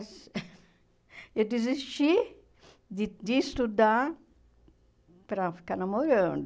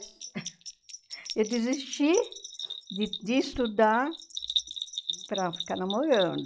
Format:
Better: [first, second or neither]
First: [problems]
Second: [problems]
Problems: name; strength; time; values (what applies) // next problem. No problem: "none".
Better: first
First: none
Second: noise reduction (classical method log-MMSE)